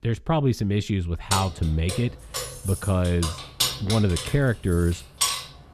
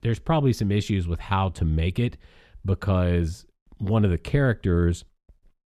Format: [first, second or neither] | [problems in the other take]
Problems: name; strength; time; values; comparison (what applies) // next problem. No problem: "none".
second | jangling keys; loud; from 1.5 s on; peak 1 dB above the speech